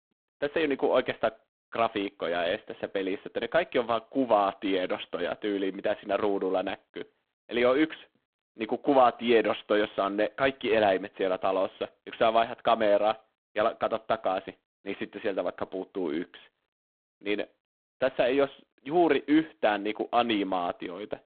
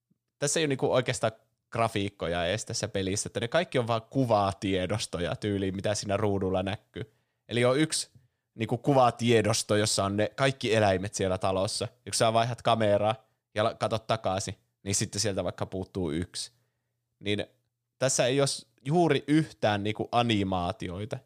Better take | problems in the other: second | phone-call audio; poor line

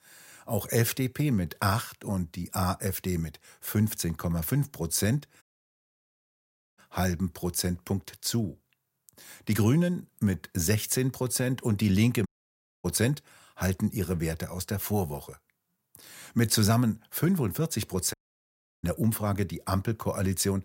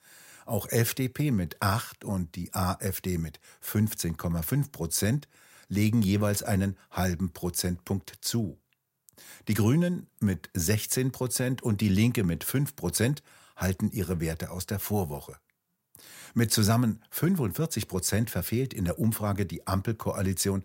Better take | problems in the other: second | audio cutting out; at 5.5 s for 1.5 s, at 12 s for 0.5 s and at 18 s for 0.5 s

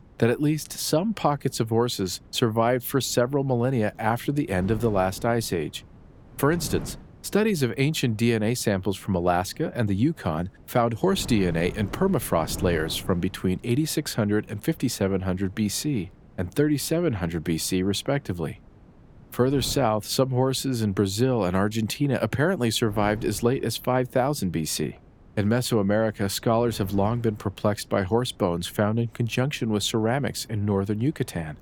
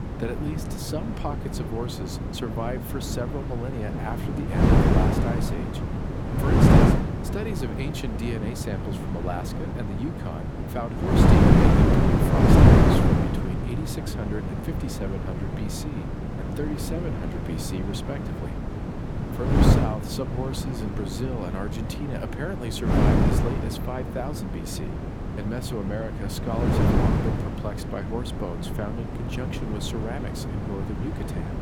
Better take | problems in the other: first | wind noise on the microphone; heavy; 5 dB above the speech; occasional gusts in the first

